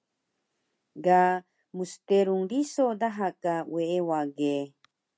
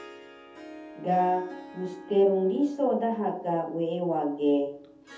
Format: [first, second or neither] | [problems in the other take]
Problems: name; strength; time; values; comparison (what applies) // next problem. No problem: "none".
first | background sound (Harp); 19 dB below the speech // room echo; dies away in 0.7 s